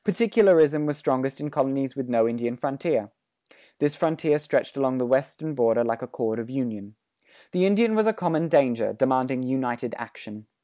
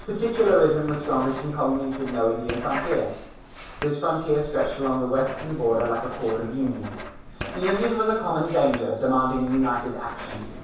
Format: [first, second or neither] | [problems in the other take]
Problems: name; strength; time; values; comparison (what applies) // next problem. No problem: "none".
first | background sound (Writing); 12 dB below the speech // room echo; dies away in 0.7 s